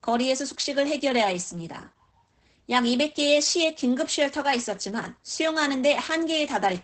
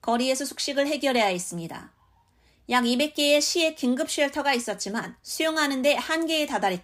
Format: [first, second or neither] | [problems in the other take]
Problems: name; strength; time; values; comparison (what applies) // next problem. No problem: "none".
second | garbled, watery; badly; nothing above 8 kHz